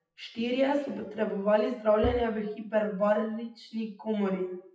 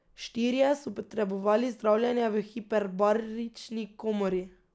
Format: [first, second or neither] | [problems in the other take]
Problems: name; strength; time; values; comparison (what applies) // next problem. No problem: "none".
second | noise reduction (classical method WPE with log-MMSE)